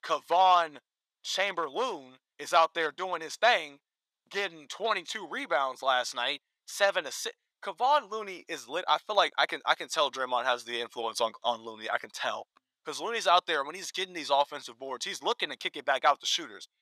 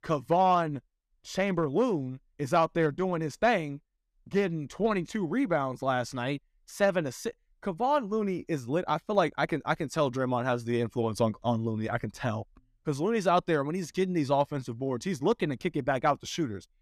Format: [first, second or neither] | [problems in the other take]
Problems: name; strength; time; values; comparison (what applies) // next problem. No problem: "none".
second | thin; very; fading below 850 Hz